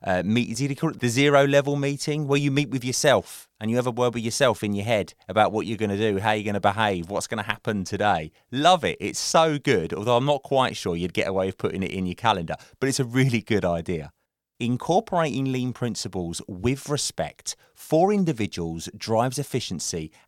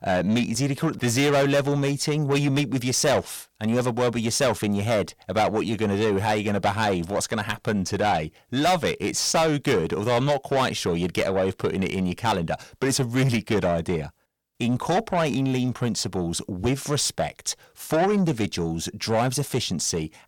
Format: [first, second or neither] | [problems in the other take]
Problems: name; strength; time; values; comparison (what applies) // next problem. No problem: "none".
first | distortion; heavy; 8 dB below the speech